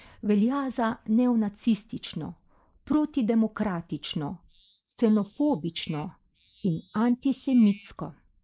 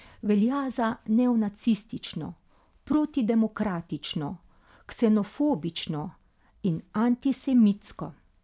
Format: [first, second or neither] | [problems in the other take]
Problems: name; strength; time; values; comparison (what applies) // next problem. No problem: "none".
second | noise reduction (neural mask model Resemble Enhance denoiser)